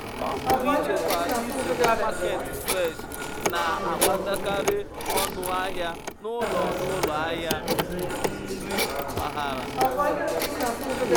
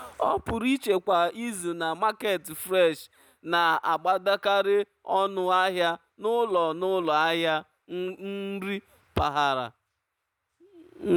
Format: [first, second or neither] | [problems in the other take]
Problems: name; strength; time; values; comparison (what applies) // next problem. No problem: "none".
second | background sound (Telephone); 4 dB above the speech